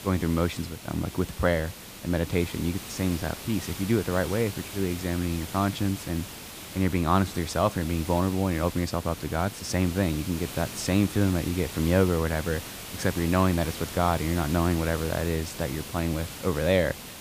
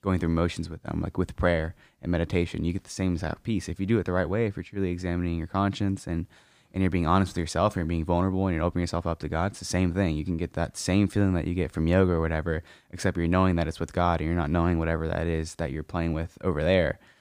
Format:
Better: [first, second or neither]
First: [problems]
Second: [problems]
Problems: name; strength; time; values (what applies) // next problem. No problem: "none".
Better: second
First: hiss; noticeable; throughout; 10 dB below the speech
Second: none